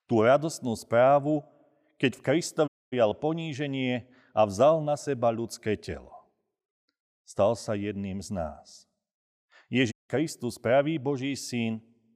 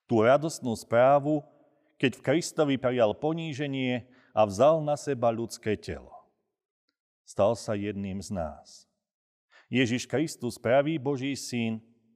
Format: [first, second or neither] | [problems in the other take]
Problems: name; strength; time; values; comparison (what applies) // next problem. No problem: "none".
second | audio cutting out; at 2.5 s and at 10 s